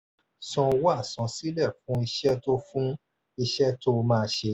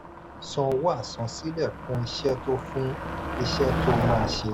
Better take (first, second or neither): first